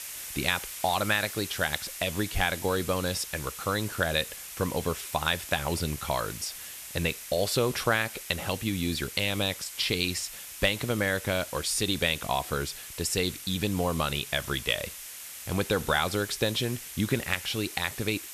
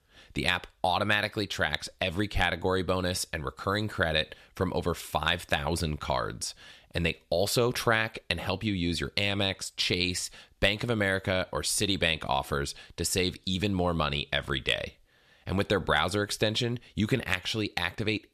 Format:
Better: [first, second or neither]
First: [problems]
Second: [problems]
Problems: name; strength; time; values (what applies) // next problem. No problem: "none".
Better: second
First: hiss; loud; throughout; 9 dB below the speech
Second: none